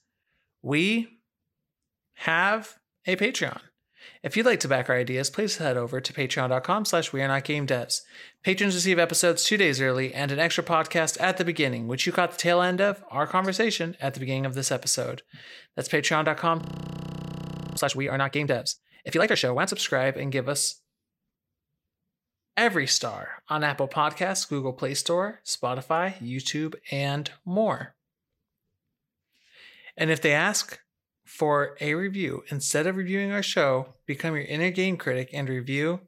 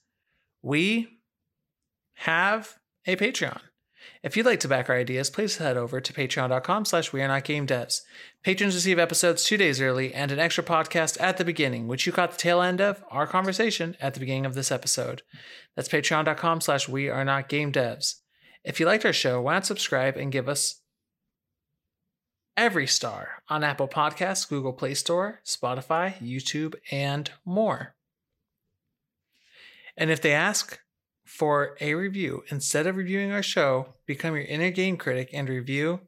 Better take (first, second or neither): second